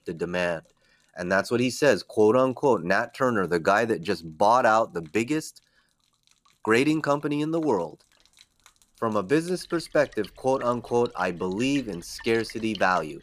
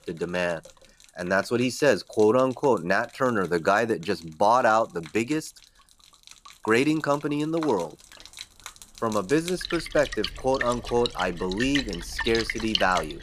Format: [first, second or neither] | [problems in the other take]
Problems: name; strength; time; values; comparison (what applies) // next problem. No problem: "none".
first | rain or running water; loud; throughout; 8 dB below the speech; faint in the first